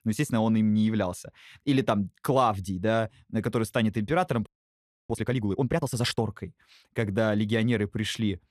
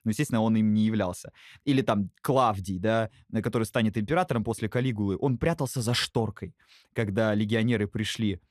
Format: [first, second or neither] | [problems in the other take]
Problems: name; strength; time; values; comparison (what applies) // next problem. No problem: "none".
second | audio freezing; at 4.5 s for 0.5 s